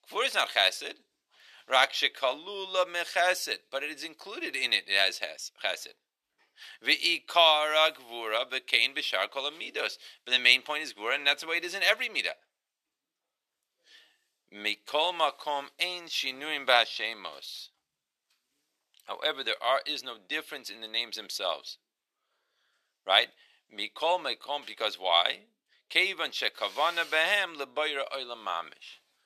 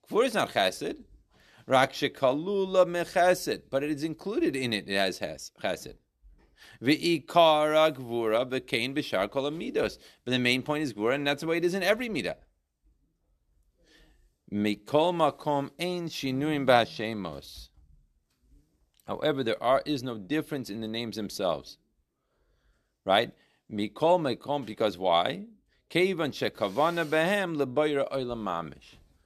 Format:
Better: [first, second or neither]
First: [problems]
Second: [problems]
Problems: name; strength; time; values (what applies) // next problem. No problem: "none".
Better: second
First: thin; very; fading below 750 Hz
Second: none